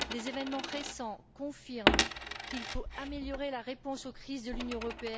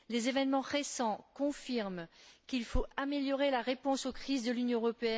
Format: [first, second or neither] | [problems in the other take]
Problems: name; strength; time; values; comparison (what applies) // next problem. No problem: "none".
second | background sound (Coin (dropping)); 3 dB above the speech